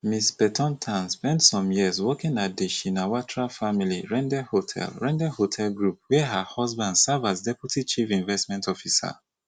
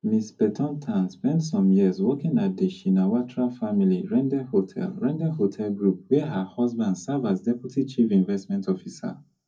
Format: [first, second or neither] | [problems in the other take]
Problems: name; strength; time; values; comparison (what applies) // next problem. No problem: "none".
first | room echo; dies away in 0.4 s